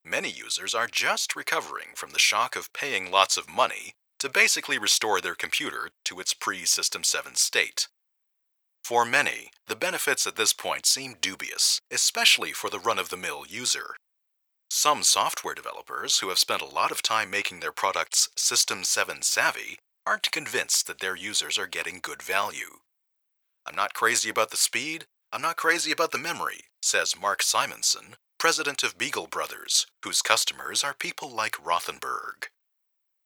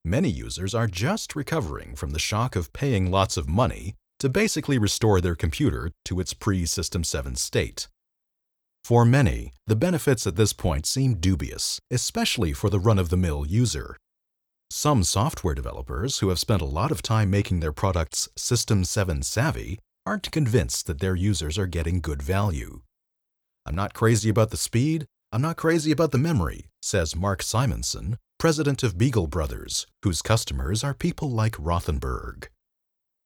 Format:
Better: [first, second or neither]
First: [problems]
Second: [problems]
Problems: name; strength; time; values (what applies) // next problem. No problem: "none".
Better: second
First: thin; very; fading below 850 Hz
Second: none